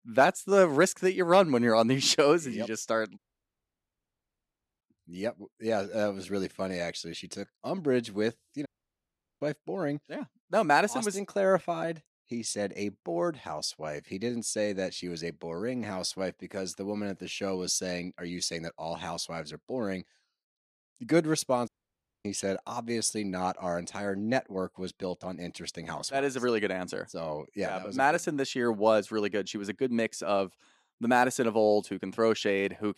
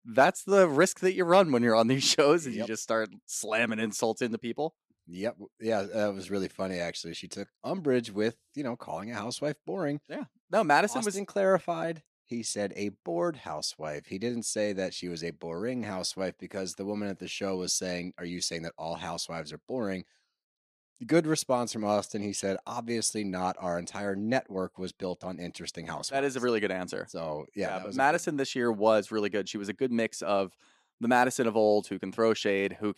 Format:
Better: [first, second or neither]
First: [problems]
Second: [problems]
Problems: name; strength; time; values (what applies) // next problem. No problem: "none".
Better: second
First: audio cutting out; at 3 s for 1.5 s, at 8.5 s for 1 s and at 22 s for 0.5 s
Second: none